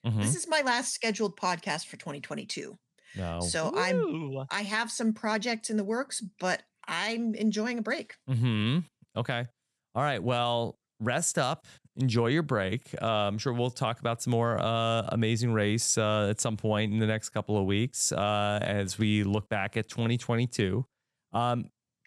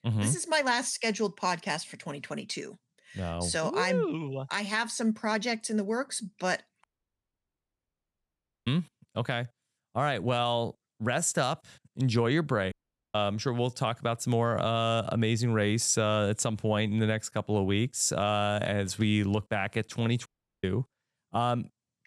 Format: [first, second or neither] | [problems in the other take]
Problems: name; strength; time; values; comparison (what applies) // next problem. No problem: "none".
first | audio cutting out; at 7 s for 2 s, at 13 s and at 20 s